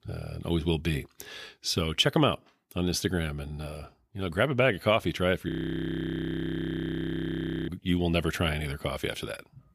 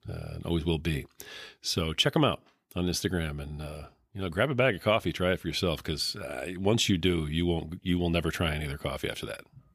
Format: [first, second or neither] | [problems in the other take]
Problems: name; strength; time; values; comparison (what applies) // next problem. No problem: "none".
second | audio freezing; at 5.5 s for 2 s